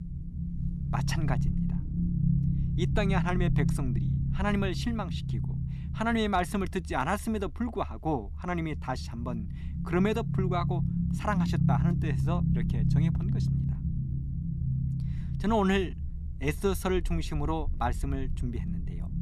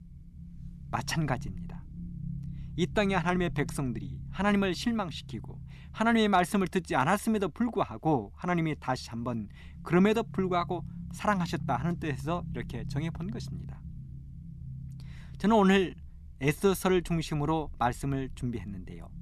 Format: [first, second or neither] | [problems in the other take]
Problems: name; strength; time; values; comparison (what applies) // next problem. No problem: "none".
second | low rumble; loud; throughout; 9 dB below the speech; faint in the second